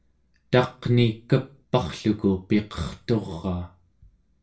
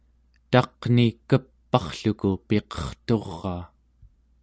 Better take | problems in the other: second | room echo; dies away in 0.3 s

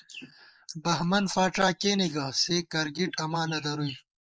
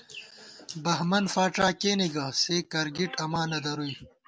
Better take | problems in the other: second | noise reduction (neural mask model Resemble Enhance denoiser)

